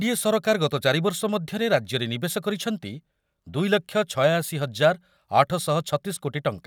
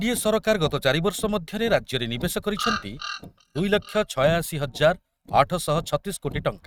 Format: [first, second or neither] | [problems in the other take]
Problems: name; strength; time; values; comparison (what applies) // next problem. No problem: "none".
first | noise reduction (neural mask model RNNoise)